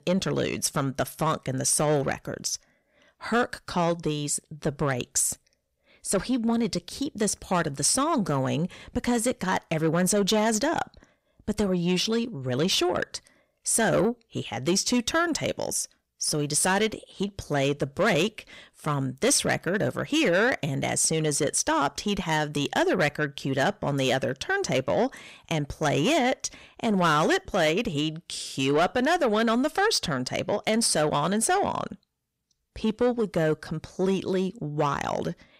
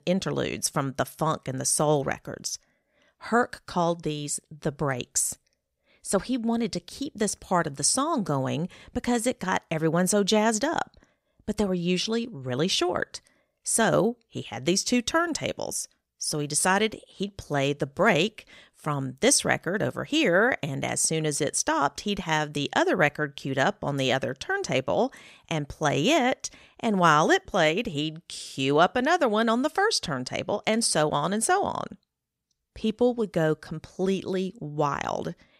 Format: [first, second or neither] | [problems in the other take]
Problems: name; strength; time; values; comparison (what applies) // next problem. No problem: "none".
second | distortion; slight; 10 dB below the speech